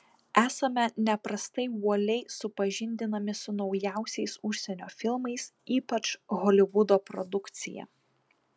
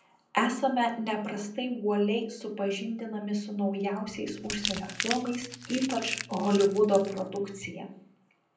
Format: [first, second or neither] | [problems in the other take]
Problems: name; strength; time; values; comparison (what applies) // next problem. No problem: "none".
first | background sound (Crumpling, crinkling); 9 dB below the speech // room echo; dies away in 0.6 s